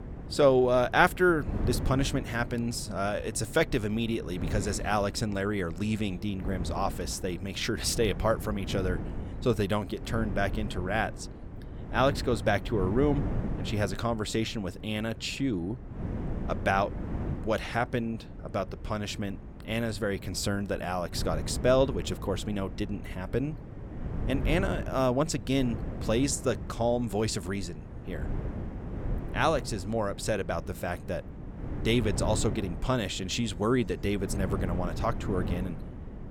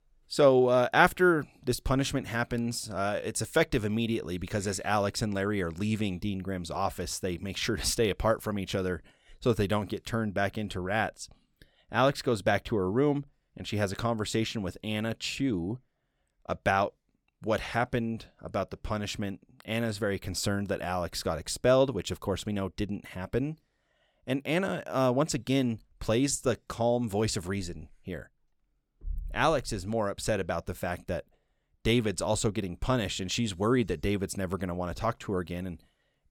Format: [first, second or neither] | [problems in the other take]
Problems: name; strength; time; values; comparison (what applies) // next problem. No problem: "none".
second | wind noise on the microphone; occasional gusts; 15 dB below the speech